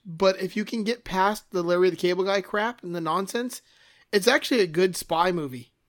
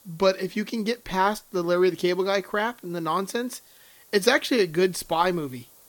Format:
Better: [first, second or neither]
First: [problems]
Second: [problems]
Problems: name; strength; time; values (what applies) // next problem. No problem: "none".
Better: first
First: none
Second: hiss; faint; throughout; 25 dB below the speech